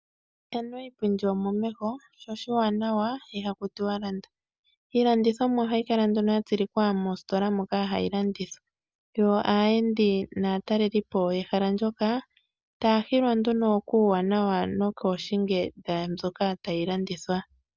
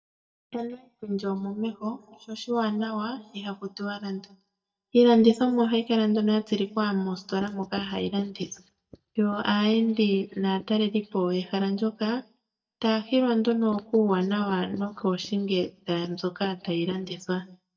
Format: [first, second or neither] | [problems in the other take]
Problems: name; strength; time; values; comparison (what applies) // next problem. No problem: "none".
first | noise reduction (neural mask model DeepFilterNet 3)